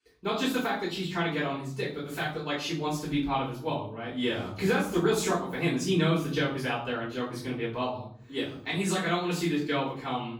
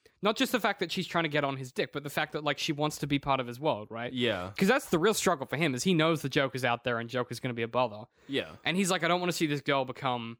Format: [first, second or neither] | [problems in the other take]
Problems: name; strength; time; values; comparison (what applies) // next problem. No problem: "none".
second | off-mic speech; far // room echo; noticeable; dies away in 0.6 s